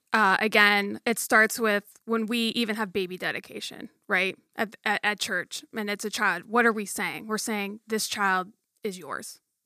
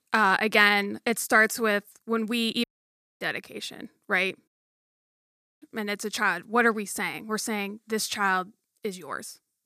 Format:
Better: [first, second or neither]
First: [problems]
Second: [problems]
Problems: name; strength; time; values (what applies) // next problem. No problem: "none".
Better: first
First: none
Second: audio cutting out; at 2.5 s for 0.5 s and at 4.5 s for 1 s